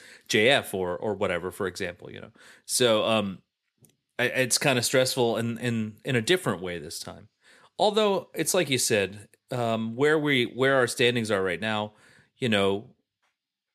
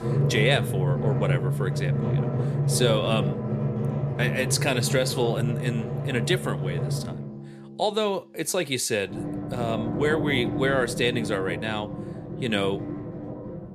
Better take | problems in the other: first | background music; loud; throughout; 1 dB below the speech

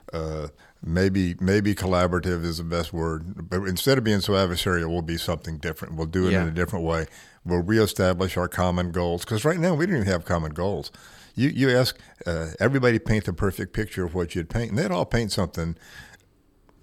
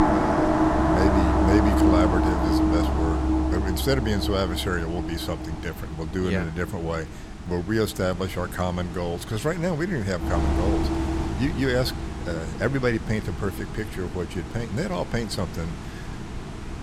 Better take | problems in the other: first | background music; very loud; throughout; 2 dB above the speech

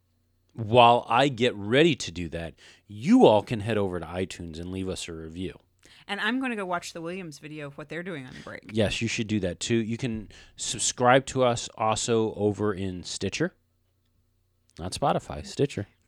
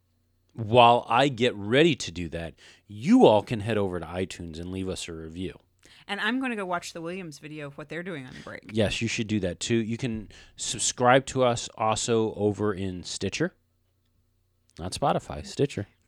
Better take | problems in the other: neither | none

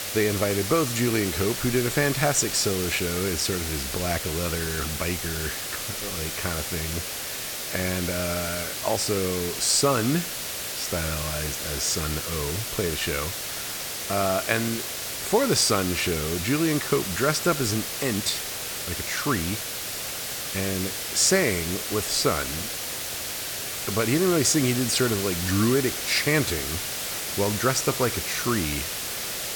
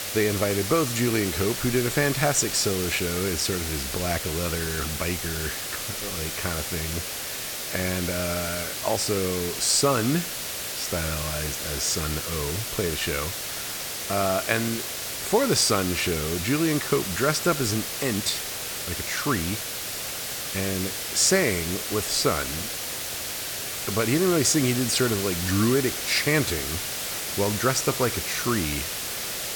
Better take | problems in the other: neither | hiss; loud; throughout; 3 dB below the speech; the same in both

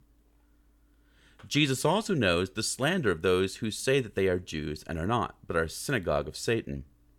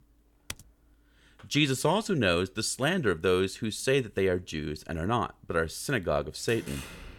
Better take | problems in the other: first | keyboard typing; very faint; at 0.5 s; peak 15 dB below the speech // door banging; faint; at 6.5 s; peak 15 dB below the speech

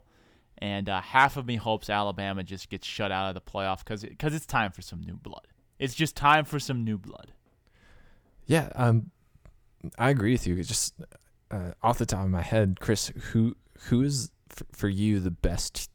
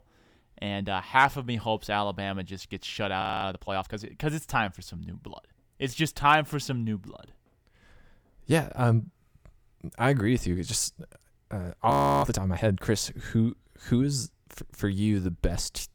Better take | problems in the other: first | audio freezing; at 3 s and at 12 s

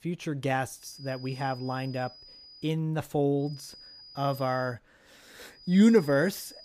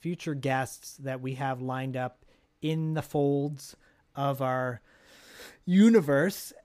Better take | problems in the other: second | high-pitched whine; noticeable; from 1 to 2.5 s, from 3.5 to 4.5 s and from 5.5 s on; 5 kHz, 20 dB below the speech

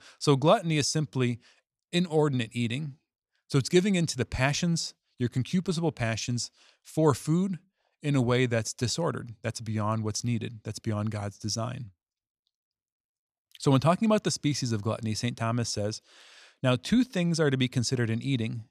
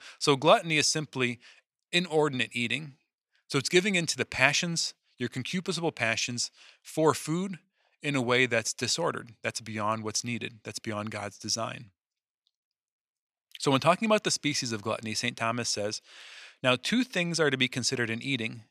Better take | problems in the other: first | thin; very slightly; fading below 850 Hz

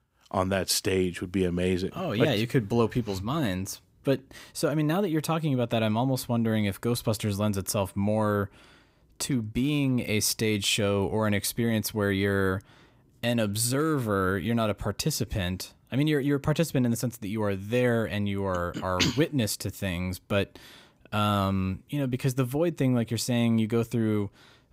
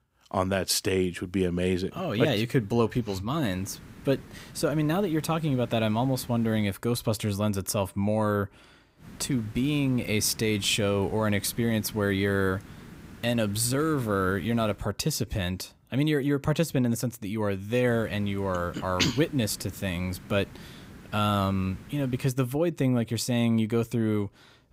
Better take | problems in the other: first | hiss; noticeable; from 3.5 to 6.5 s, from 9 to 15 s and from 18 to 22 s; 20 dB below the speech

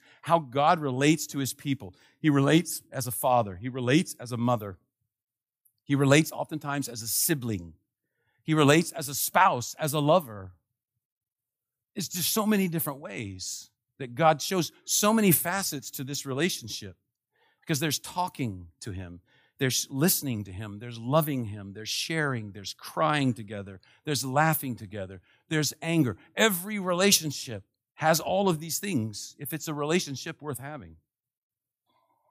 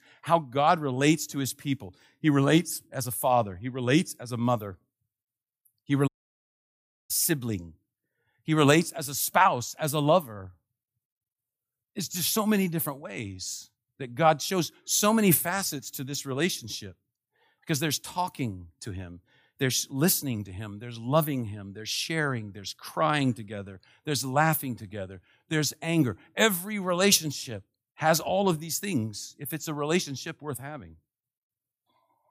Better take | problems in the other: first | audio cutting out; at 6 s for 1 s

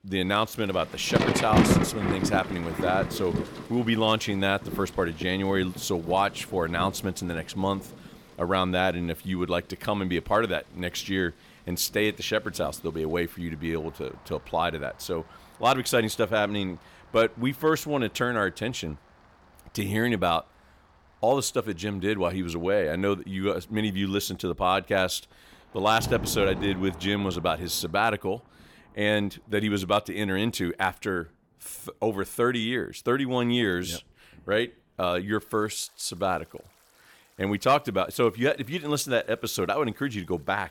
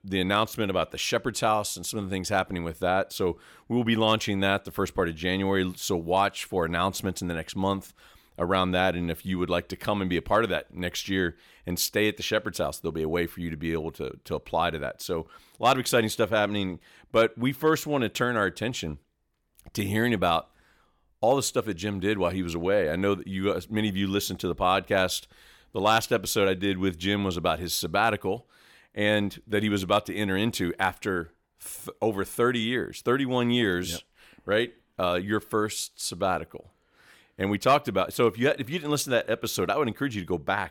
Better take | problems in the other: second | rain or running water; loud; throughout; 4 dB below the speech

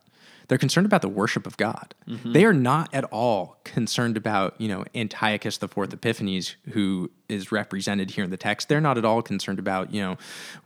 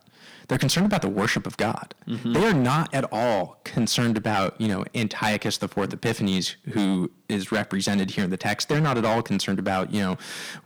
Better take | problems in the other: first | distortion; heavy; 11% of the sound clipped

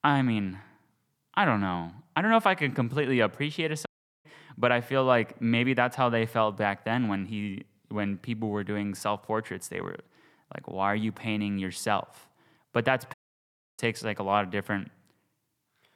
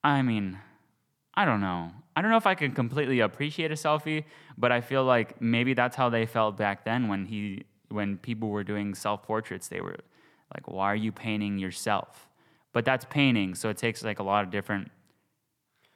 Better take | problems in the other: second | audio cutting out; at 4 s and at 13 s for 0.5 s

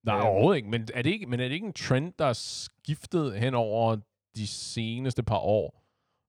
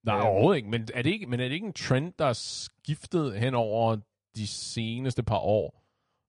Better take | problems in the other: first | garbled, watery; slightly; nothing above 9.5 kHz

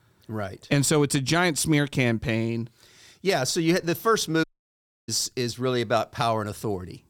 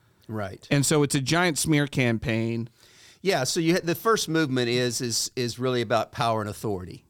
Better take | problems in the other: second | audio cutting out; at 4.5 s for 0.5 s

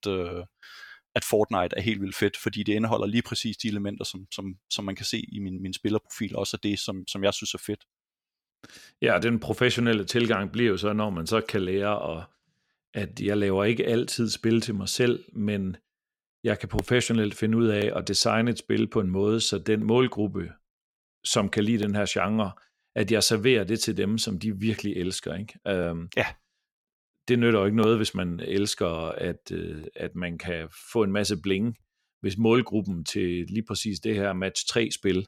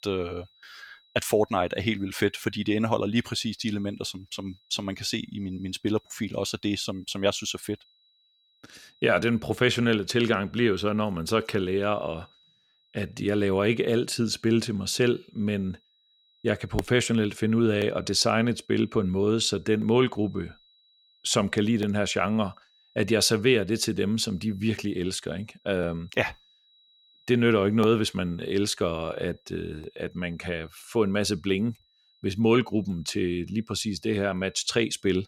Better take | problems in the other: first | high-pitched whine; faint; throughout; 4 kHz, 35 dB below the speech

